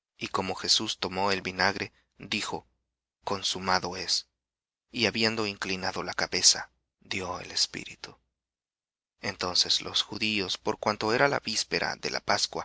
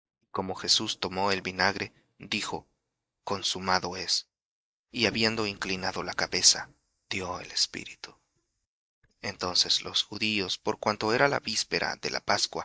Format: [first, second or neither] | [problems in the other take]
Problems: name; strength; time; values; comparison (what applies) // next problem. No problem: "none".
first | noise reduction (neural mask model DeepFilterNet 3)